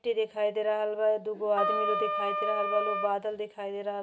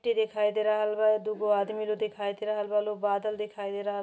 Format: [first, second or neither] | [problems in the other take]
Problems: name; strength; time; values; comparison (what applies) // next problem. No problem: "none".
second | background sound (Wind instrument, woodwind instrument); as loud as the speech